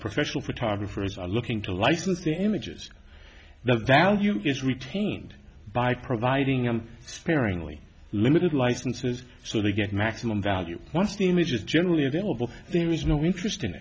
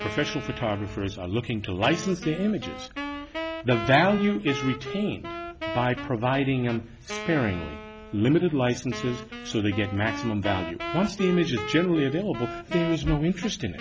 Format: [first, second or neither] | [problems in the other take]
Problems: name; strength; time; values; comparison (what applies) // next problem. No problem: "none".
first | background sound (Wind instrument, woodwind instrument); 10 dB below the speech